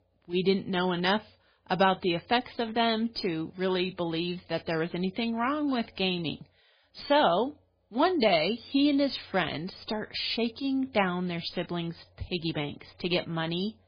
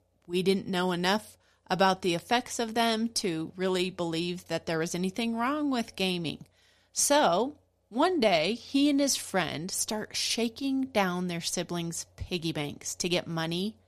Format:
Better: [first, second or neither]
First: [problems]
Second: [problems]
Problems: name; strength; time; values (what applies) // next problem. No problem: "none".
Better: second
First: garbled, watery; badly; nothing above 4 kHz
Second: none